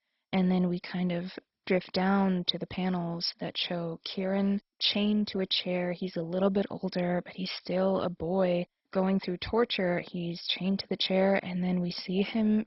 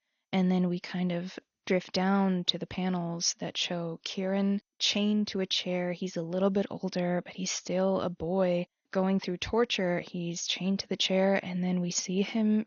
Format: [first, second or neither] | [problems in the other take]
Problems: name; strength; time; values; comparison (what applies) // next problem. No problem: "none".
second | garbled, watery; badly; nothing above 5.5 kHz; slightly in the second